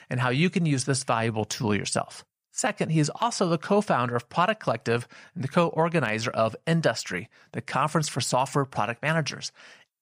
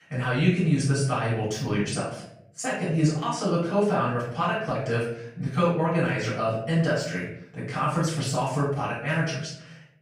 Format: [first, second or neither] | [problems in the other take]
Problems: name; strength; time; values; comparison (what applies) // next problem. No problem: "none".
first | off-mic speech; far // room echo; noticeable; dies away in 0.6 s